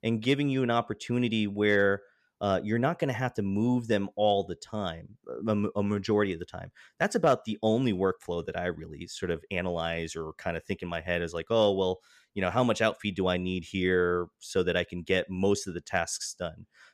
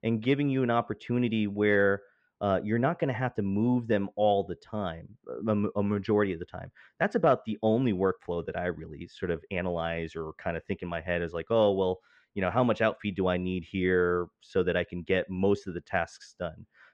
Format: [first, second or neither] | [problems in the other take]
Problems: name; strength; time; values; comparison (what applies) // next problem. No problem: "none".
first | muffled; very; fading above 2.5 kHz